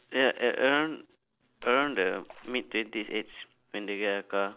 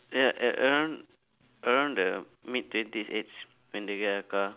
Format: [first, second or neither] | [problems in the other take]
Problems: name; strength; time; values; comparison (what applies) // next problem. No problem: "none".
second | noise reduction (neural separator model SepFormer DNS4)